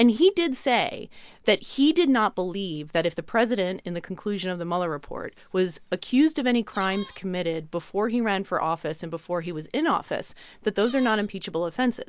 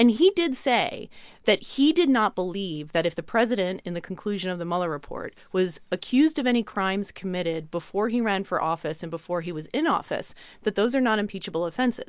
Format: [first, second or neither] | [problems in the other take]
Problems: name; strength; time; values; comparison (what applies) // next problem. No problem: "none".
second | background sound (Squeak); 19 dB below the speech